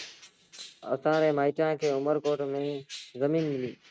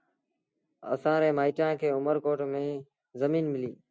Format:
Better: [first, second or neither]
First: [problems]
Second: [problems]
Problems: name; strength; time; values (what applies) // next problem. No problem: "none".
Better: second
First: noise reduction (neural mask model RNNoise)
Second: none